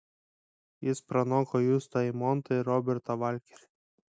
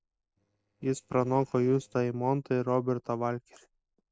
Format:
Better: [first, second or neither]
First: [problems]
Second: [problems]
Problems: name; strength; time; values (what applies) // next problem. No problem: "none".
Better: first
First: none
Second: noise reduction (neural separator model SepFormer DNS4)